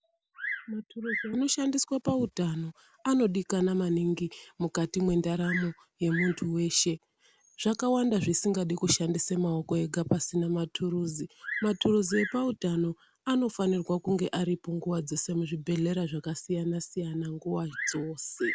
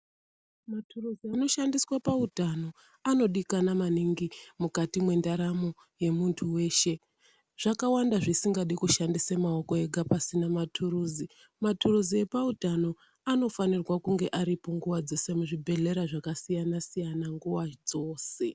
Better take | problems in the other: second | background sound (Bird vocalization, bird call, bird song); 14 dB below the speech

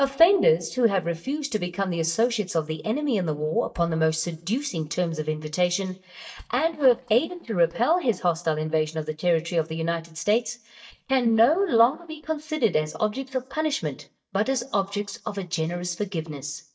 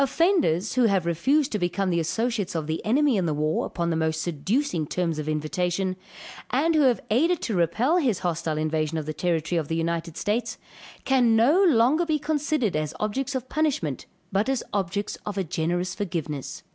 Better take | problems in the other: second | noise reduction (neural mask model DeepFilterNet 3)

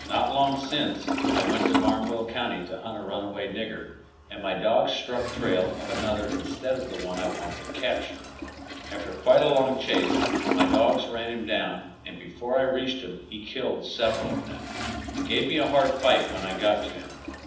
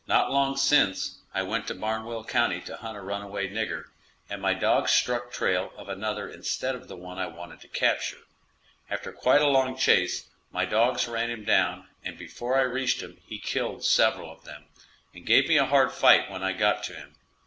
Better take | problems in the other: second | background sound (Toilet flush); 5 dB below the speech // room echo; dies away in 0.8 s

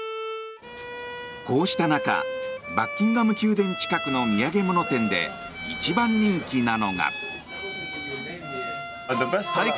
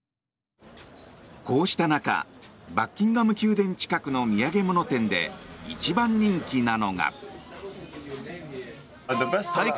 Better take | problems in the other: second | background sound (Bowed string instrument); 8 dB below the speech

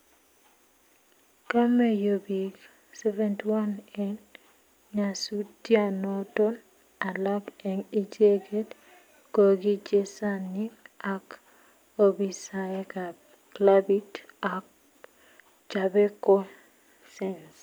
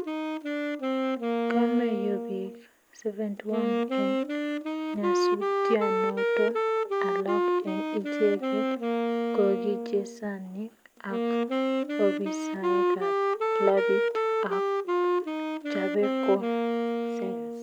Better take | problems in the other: first | background sound (Wind instrument, woodwind instrument); 4 dB above the speech

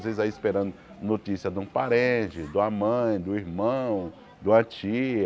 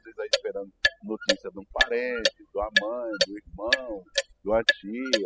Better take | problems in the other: first | noise reduction (classical method spectral subtraction)

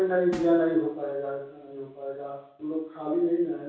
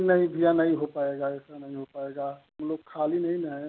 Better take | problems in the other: second | background sound (Snare drum); 18 dB below the speech // room echo; dies away in 0.6 s

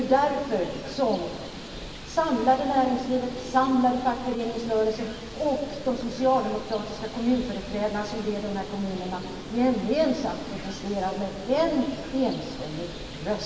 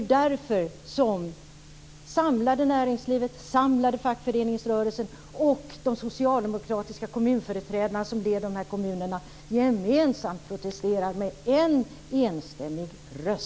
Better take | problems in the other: second | background sound (Bird); 13 dB below the speech // room echo; dies away in 2.9 s

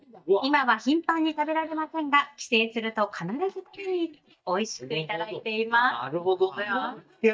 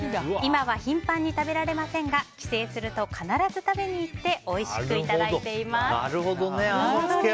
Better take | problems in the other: second | noise reduction (neural mask model DeepFilterNet 3)

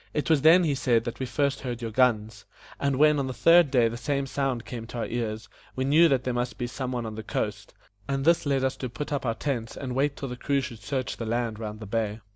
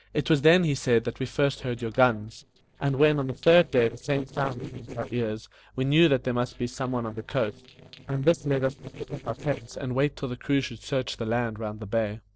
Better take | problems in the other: first | noise reduction (neural separator model SepFormer DNS4)

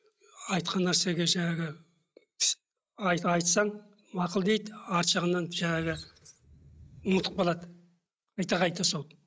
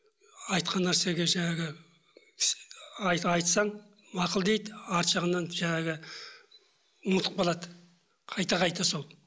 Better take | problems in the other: second | noise reduction (neural mask model RNNoise)

